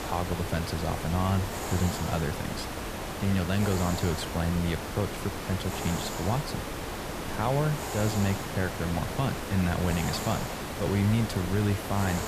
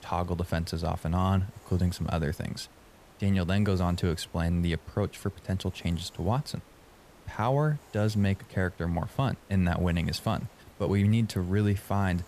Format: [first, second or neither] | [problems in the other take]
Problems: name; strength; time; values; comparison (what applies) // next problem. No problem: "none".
second | hiss; loud; throughout; 4 dB below the speech; faint in the second